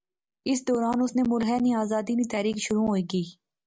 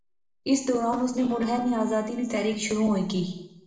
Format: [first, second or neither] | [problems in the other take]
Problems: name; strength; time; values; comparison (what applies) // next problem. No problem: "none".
first | noise reduction (neural separator model SepFormer DNS4)